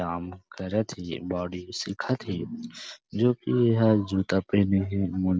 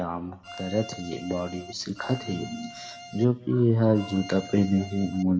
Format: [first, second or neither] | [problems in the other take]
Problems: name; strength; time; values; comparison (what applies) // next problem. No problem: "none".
first | background sound (Bowed string instrument); 16 dB below the speech // room echo; dies away in 2.3 s